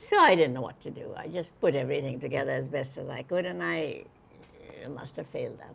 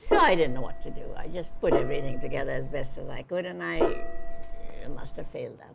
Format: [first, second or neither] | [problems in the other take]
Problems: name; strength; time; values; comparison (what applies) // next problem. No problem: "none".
first | background sound (Gong); 4 dB above the speech